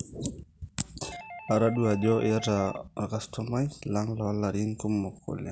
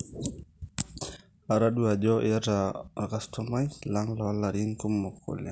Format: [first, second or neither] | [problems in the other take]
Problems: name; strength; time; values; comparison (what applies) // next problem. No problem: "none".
second | background sound (Doorbell); 16 dB below the speech